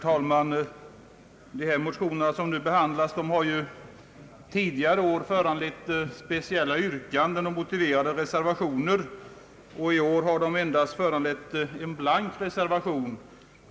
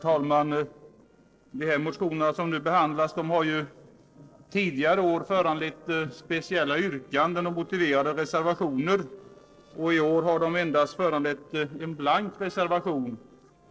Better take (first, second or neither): first